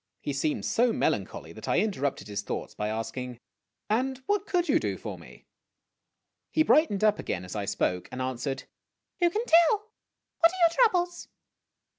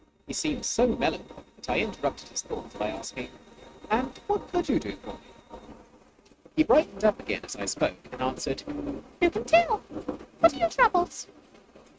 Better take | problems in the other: first | noise reduction (neural mask model RNNoise)

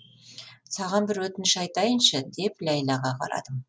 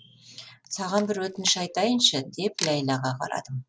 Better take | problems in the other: first | background sound (Camera); 14 dB below the speech

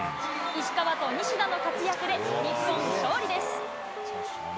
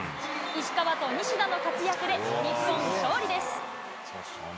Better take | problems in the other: second | background sound (Alarm + Telephone); 8 dB below the speech

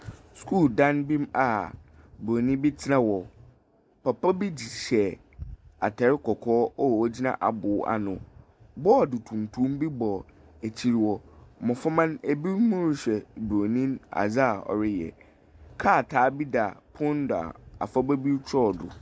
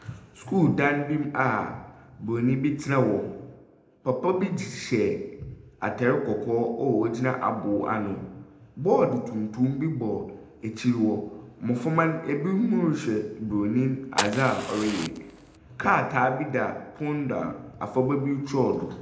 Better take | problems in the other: first | background sound (Fire); 7 dB below the speech // room echo; dies away in 0.8 s

